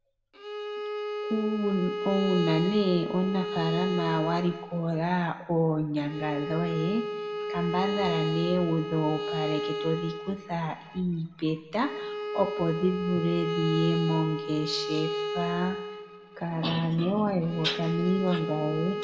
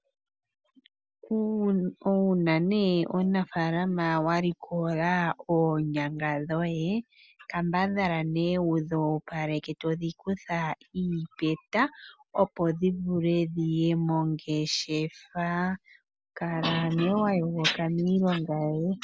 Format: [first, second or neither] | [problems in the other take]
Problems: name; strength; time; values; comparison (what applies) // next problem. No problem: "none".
second | background sound (Bowed string instrument); 5 dB below the speech // room echo; dies away in 1.7 s